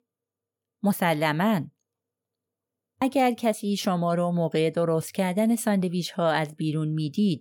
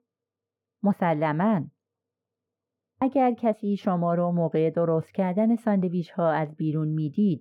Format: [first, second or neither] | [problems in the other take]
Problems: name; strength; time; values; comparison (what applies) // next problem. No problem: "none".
first | muffled; very; fading above 3 kHz